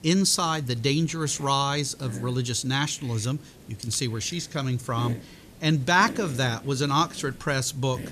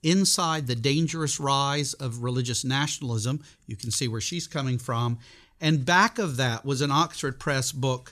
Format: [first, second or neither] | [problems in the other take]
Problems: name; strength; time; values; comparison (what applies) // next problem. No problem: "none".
second | hiss; noticeable; throughout; 20 dB below the speech